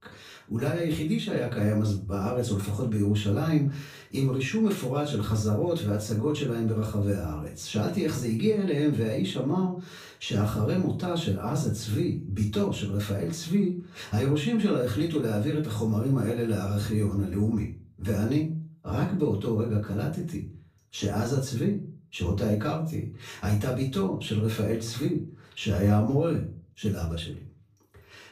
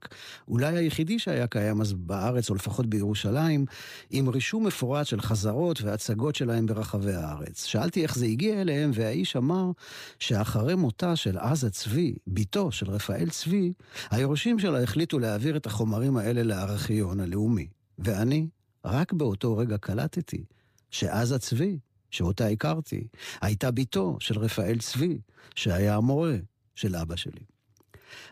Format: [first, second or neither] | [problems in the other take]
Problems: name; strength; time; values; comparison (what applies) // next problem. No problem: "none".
second | off-mic speech; far // room echo; slight; dies away in 0.3 s